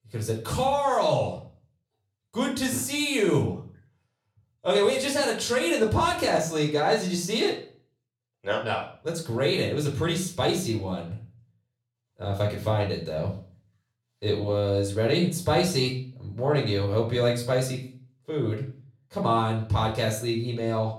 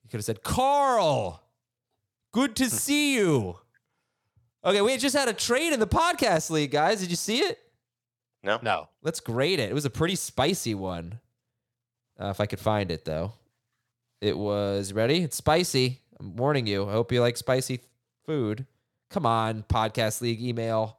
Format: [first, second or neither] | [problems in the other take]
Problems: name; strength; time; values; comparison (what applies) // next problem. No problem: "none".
second | room echo; slight; dies away in 0.4 s // off-mic speech; far